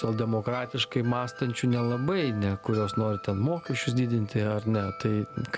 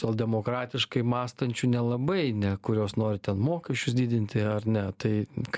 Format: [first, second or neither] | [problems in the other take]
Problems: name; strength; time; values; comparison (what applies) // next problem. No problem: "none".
second | background sound (Wind chime); 15 dB below the speech